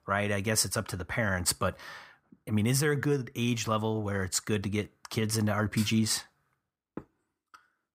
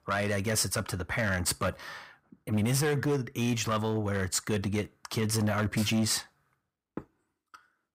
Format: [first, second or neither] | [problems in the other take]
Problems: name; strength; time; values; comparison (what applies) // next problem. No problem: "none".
first | distortion; slight; 7% of the sound clipped